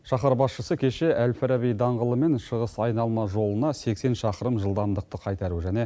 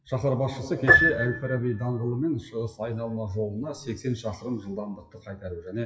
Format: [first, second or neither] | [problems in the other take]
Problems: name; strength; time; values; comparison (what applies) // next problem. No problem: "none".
first | noise reduction (classical method WPE with log-MMSE)